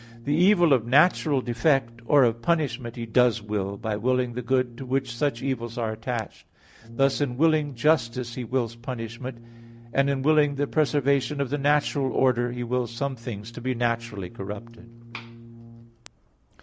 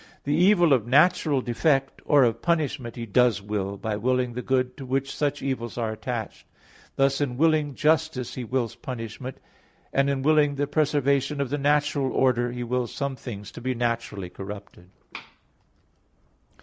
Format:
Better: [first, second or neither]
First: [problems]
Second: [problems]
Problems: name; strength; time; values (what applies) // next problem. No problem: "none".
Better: second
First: background sound (Brass instrument); 19 dB below the speech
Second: none